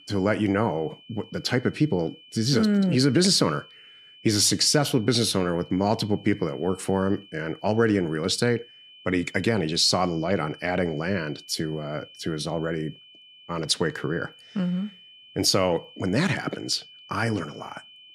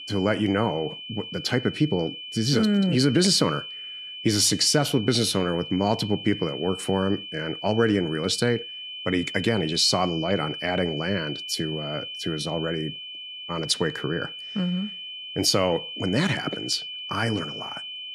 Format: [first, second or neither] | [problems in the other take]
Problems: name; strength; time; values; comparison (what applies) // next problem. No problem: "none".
first | high-pitched whine; loud; throughout; 3 kHz, 9 dB below the speech; faint in the first